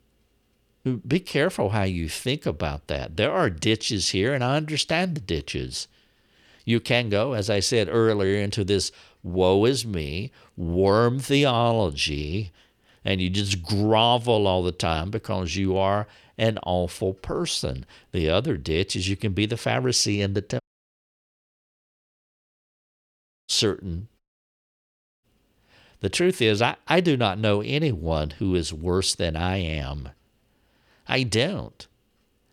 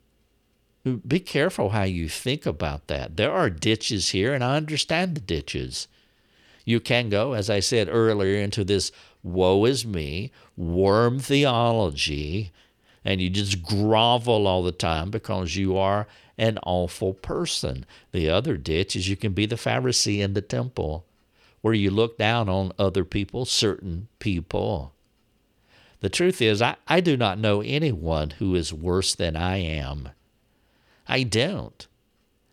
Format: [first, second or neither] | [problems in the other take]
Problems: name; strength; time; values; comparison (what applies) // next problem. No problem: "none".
second | audio cutting out; at 21 s for 3 s and at 24 s for 1 s